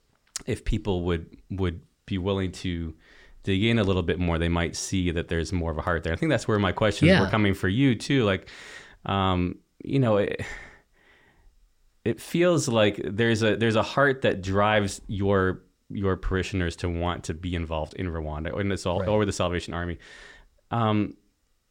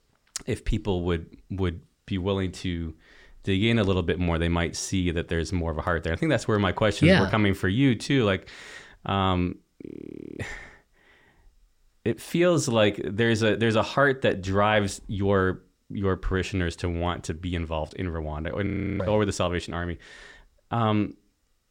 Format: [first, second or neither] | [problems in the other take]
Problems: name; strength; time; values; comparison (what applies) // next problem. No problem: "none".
first | audio freezing; at 10 s for 0.5 s and at 19 s